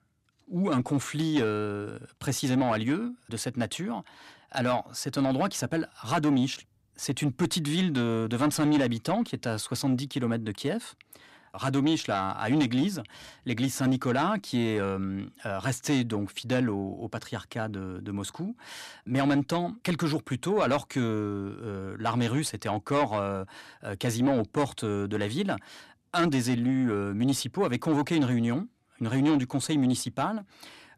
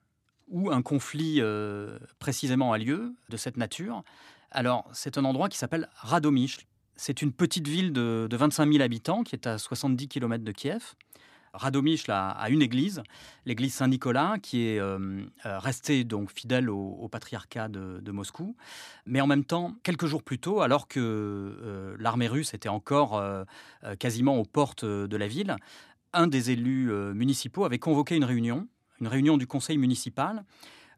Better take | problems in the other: second | distortion; slight; 10 dB below the speech

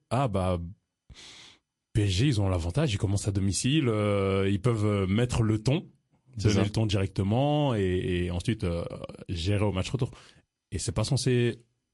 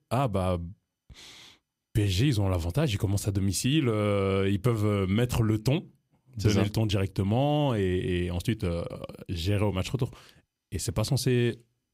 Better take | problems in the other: second | garbled, watery; slightly; nothing above 11 kHz

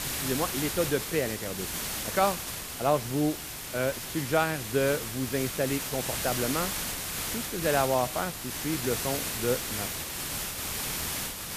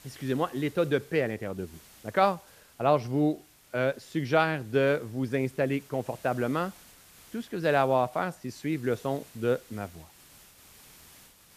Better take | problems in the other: second | hiss; loud; throughout; 2 dB below the speech; faint in the second

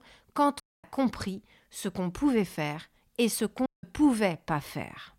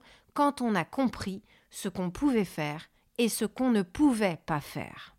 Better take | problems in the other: second | audio cutting out; at 0.5 s and at 3.5 s

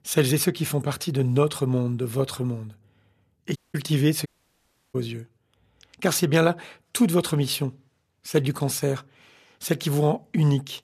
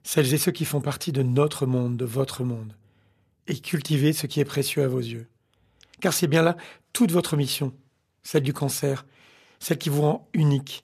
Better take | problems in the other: second | audio cutting out; at 3.5 s and at 4.5 s for 0.5 s

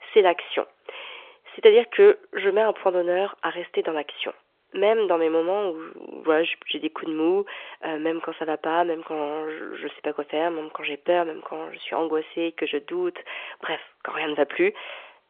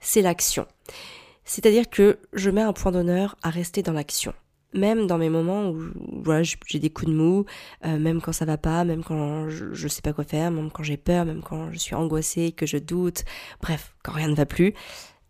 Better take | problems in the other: second | phone-call audio; nothing above 3.5 kHz

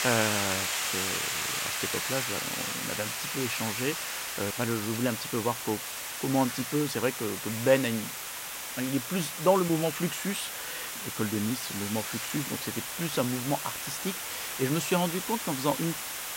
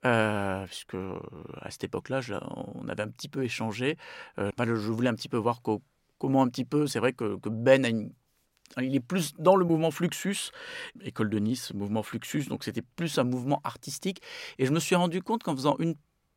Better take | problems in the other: second | hiss; loud; throughout; 1 dB below the speech

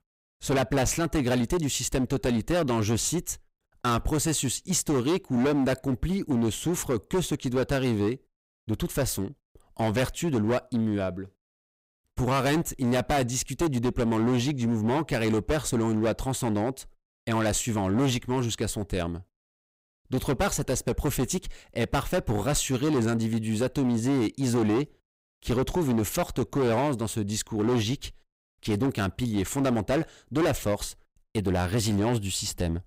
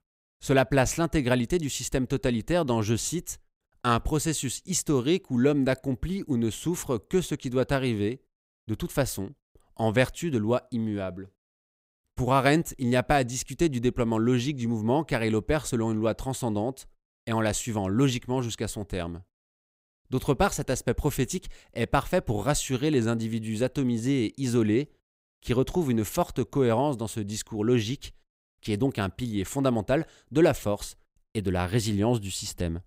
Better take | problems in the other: second | distortion; heavy; 15% of the sound clipped

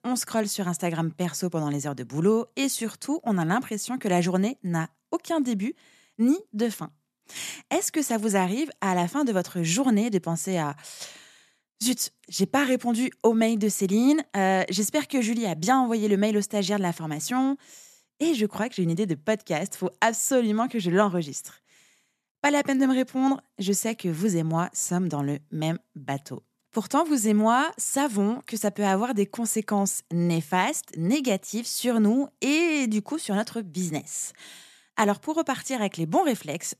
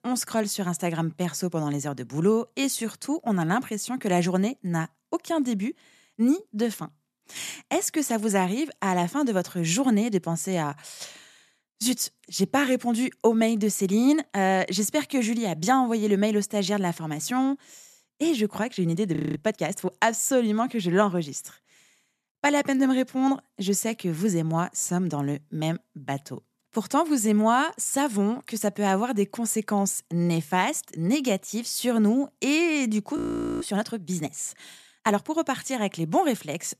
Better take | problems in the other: first | audio freezing; at 19 s and at 33 s

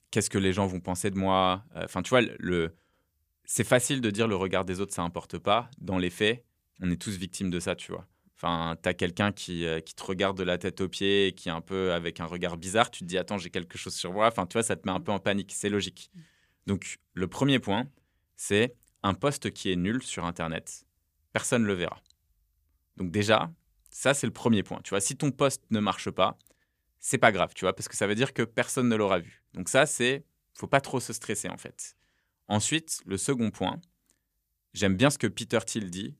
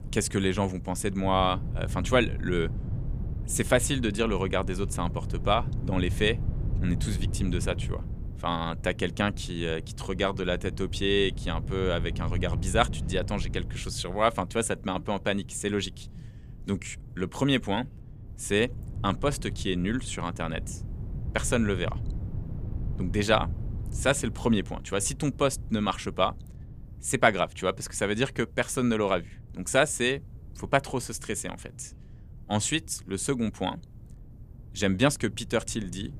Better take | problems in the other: first | wind noise on the microphone; occasional gusts; 20 dB below the speech

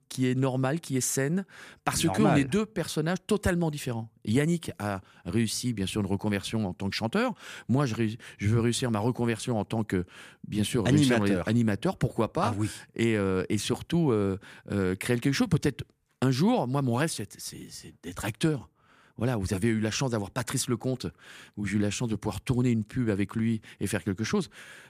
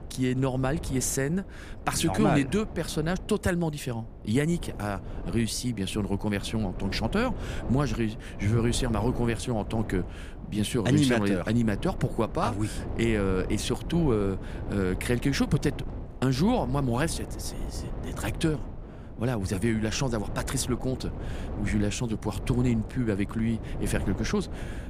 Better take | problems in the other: first | wind noise on the microphone; occasional gusts; 15 dB below the speech

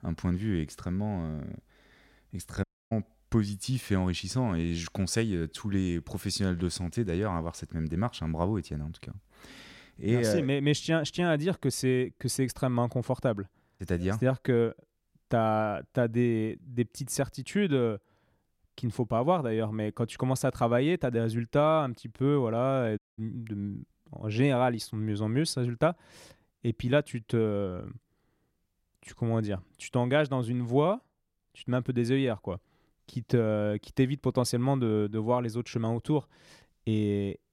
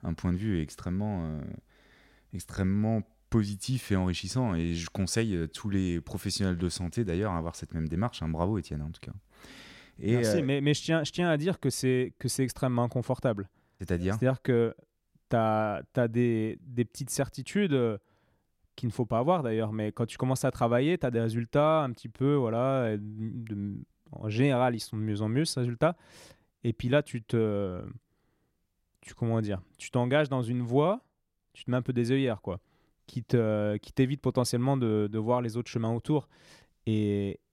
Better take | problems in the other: second | audio cutting out; at 2.5 s and at 23 s

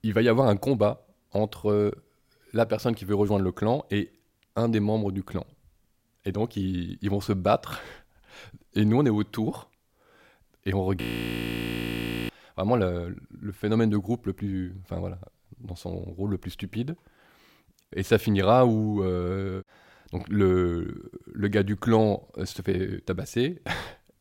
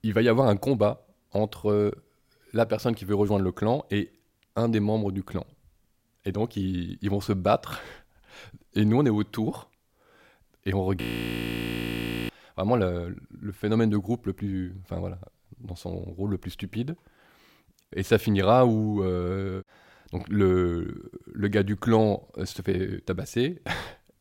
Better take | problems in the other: neither | audio freezing; at 11 s for 1.5 s; the same in both

